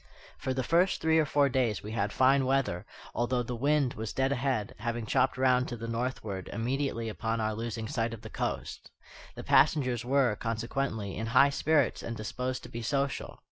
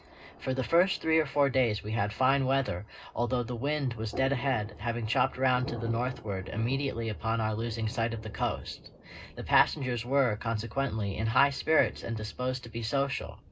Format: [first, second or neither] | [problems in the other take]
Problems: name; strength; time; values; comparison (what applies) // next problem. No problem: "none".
first | background sound (Thunder); 19 dB below the speech // room echo; dies away in 0.2 s